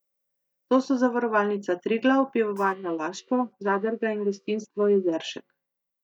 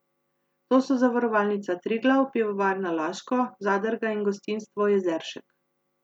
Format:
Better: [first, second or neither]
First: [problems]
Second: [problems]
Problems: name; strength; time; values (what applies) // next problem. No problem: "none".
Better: second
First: noise reduction (neural mask model DeepFilterNet 3)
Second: none